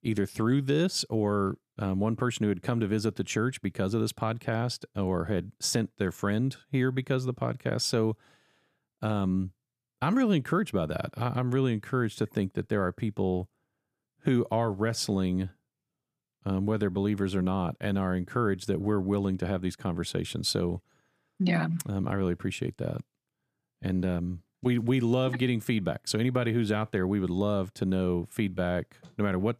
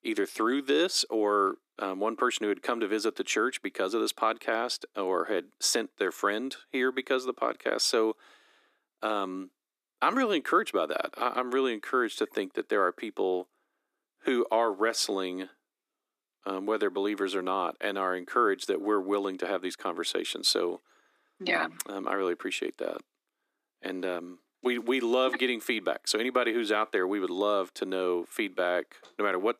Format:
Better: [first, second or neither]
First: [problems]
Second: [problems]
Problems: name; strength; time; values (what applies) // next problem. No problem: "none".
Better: first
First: none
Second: thin; somewhat; fading below 300 Hz